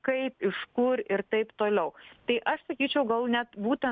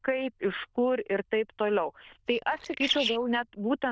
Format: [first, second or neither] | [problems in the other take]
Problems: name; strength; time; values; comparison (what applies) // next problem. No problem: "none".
first | noise reduction (neural diffusion model UNIVERSE++)